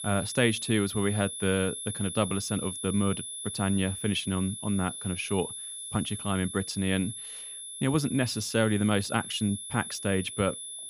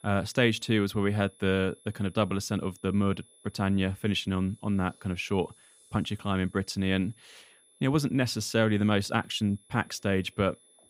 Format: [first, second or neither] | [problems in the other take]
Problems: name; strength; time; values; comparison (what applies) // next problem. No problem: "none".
second | high-pitched whine; loud; throughout; 11 kHz, 7 dB below the speech; faint in the second